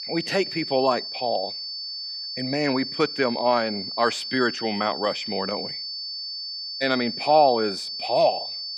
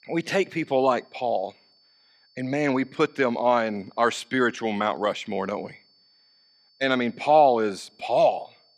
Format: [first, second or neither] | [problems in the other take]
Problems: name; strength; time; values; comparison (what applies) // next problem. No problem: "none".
second | high-pitched whine; loud; throughout; 4.5 kHz, 6 dB below the speech; faint in the second